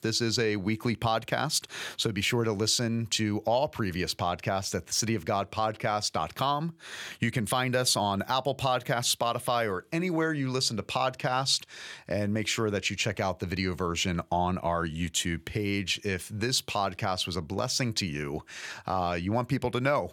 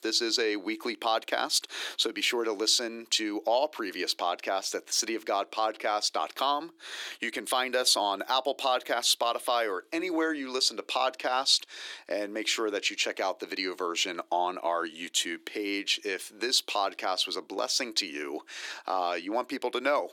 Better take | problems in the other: first | thin; somewhat; fading below 300 Hz

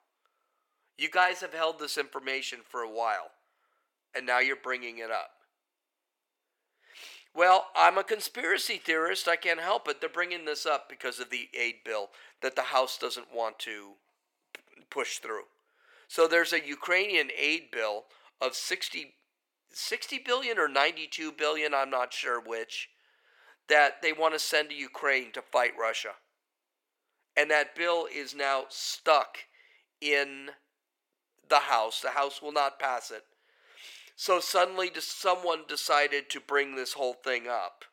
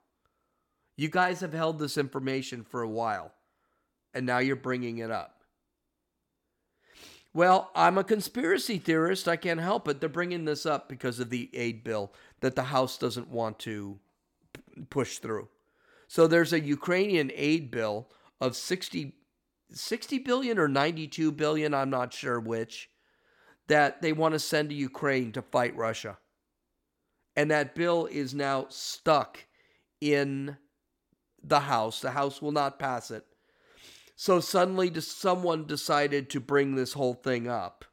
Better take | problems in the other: second | thin; very; fading below 500 Hz

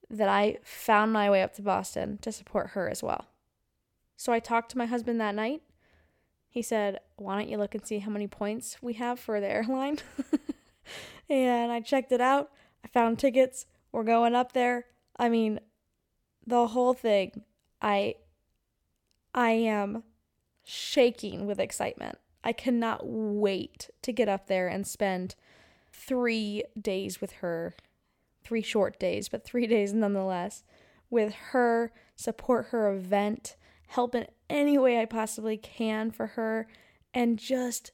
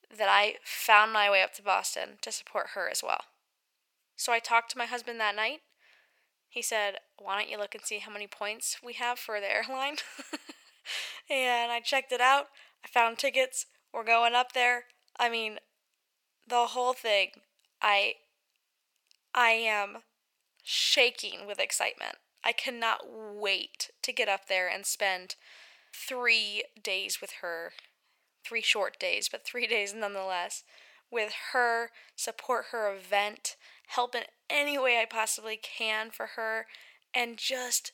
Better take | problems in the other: first | thin; very; fading below 950 Hz

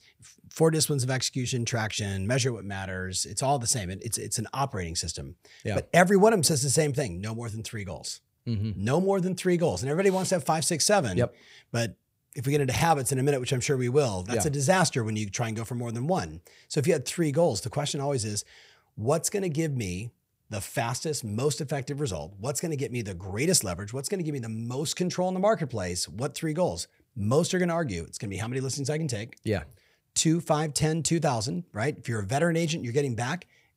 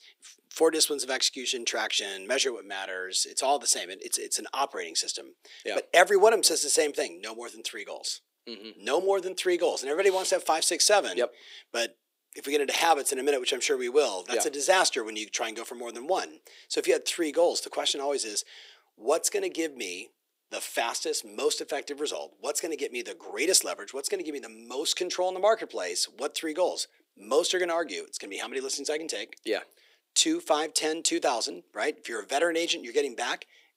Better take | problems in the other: first | thin; very; fading below 300 Hz

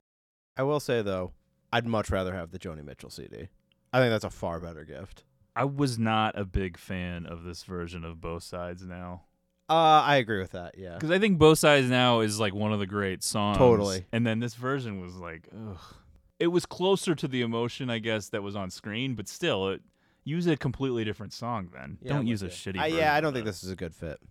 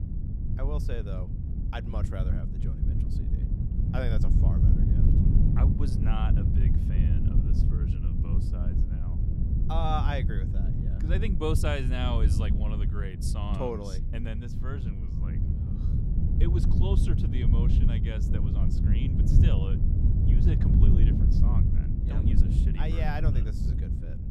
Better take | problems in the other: first | wind noise on the microphone; heavy; 2 dB below the speech

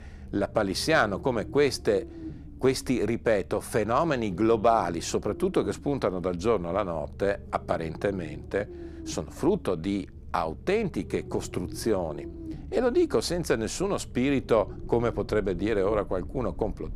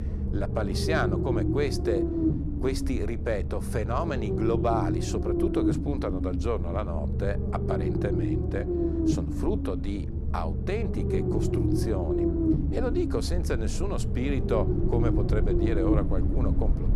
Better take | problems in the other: first | low rumble; loud; throughout; 1 dB below the speech; faint in the first

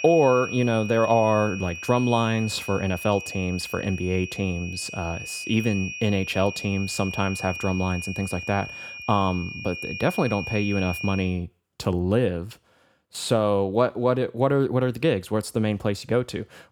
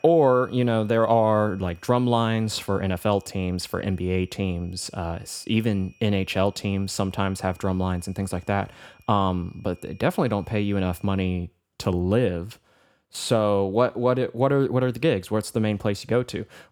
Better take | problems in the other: second | high-pitched whine; loud; until 11 s; 2.5 kHz, 9 dB below the speech; faint in the second

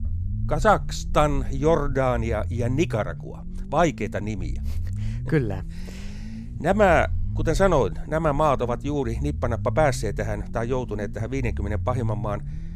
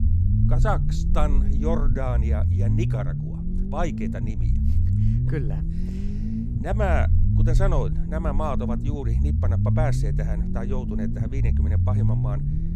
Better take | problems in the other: first | low rumble; loud; throughout; 5 dB below the speech; faint in the first

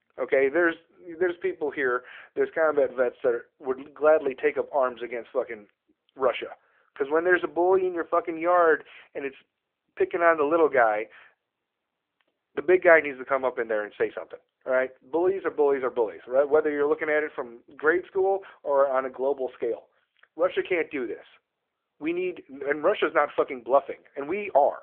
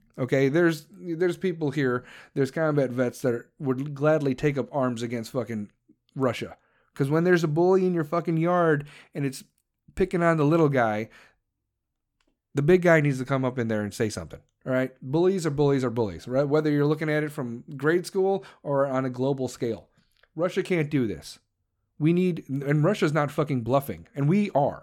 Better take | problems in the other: second | phone-call audio

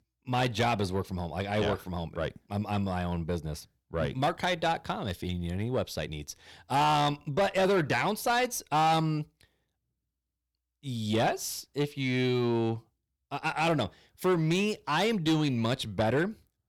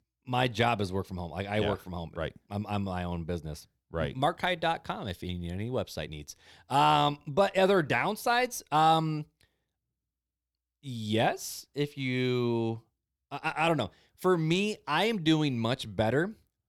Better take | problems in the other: second | distortion; slight; 10 dB below the speech

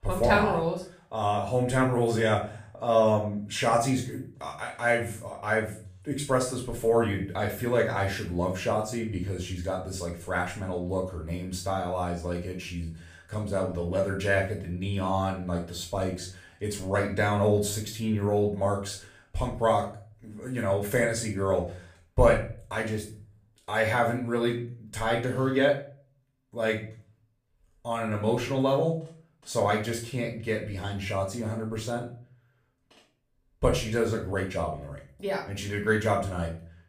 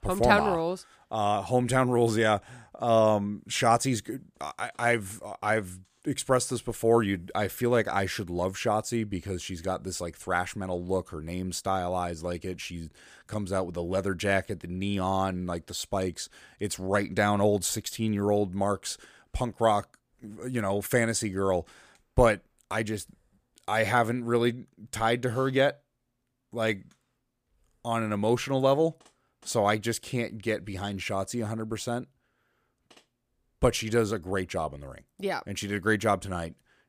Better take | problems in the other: second | off-mic speech; far // room echo; slight; dies away in 0.4 s

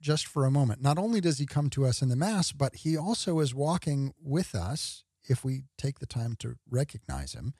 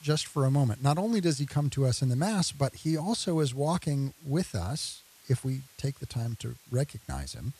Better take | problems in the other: first | hiss; faint; throughout; 25 dB below the speech

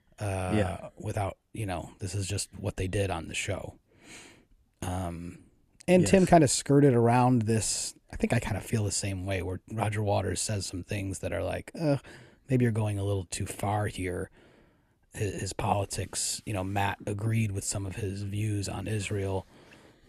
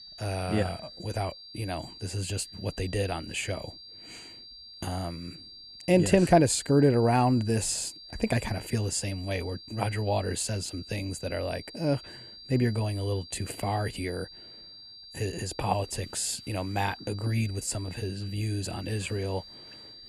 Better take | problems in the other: first | high-pitched whine; noticeable; throughout; 4.5 kHz, 15 dB below the speech

